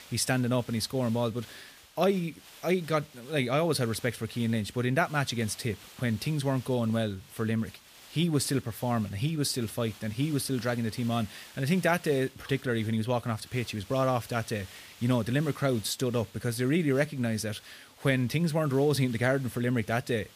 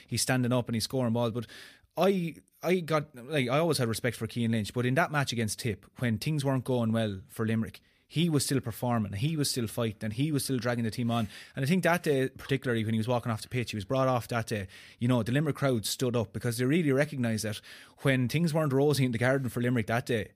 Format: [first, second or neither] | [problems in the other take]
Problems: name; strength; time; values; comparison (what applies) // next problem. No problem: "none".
second | hiss; faint; throughout; 20 dB below the speech